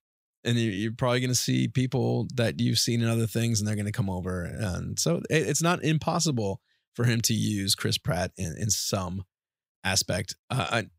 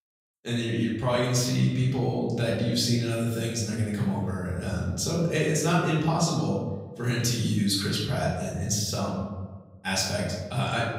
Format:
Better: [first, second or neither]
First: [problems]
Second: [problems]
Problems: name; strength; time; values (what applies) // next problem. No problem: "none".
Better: first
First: none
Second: room echo; noticeable; dies away in 1.1 s // off-mic speech; far